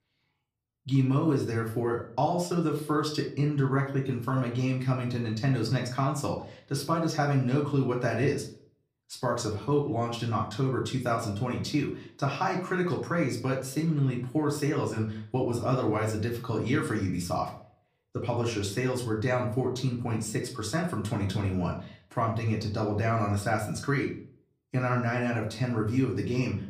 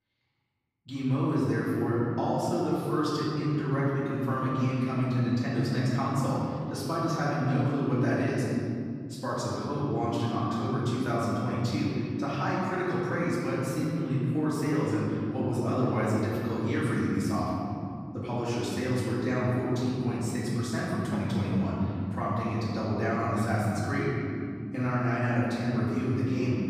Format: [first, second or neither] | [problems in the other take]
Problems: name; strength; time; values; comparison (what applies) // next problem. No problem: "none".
first | room echo; strong; dies away in 3 s; slight in the first // off-mic speech; far; far in the first